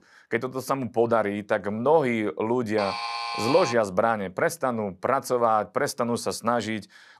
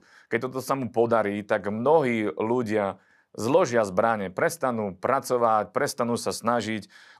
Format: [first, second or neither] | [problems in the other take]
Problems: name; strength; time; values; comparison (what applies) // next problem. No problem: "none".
second | alarm; noticeable; at 3 s; peak 4 dB below the speech